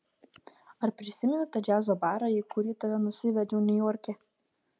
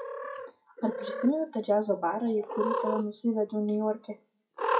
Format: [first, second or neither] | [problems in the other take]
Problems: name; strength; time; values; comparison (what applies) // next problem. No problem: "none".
first | noise reduction (classical method WPE with log-MMSE)